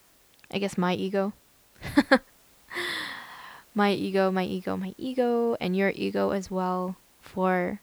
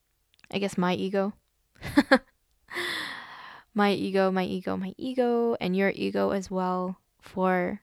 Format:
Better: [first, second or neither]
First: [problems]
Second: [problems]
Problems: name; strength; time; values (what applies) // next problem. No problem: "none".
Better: second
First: hiss; faint; throughout; 30 dB below the speech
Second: none